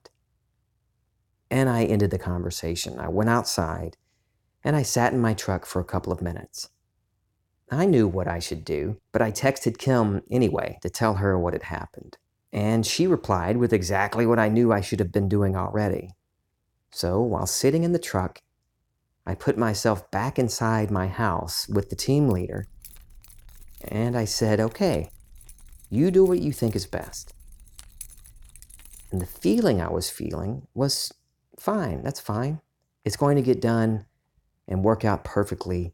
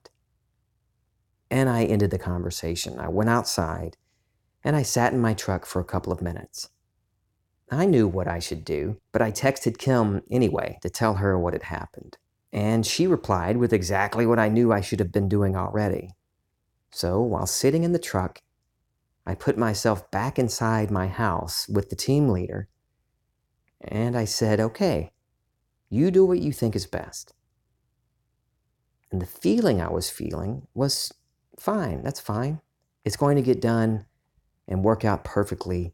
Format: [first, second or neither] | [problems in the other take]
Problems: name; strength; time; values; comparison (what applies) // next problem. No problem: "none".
second | jangling keys; faint; from 22 to 30 s; peak 15 dB below the speech